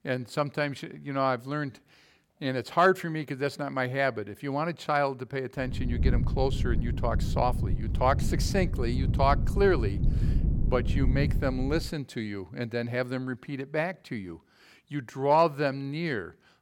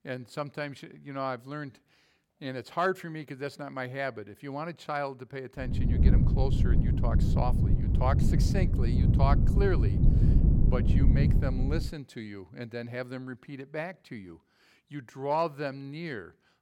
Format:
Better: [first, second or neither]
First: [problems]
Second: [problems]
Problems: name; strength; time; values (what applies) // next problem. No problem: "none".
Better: first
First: wind noise on the microphone; occasional gusts; from 5.5 to 12 s; 15 dB below the speech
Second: wind noise on the microphone; heavy; from 5.5 to 12 s; 3 dB below the speech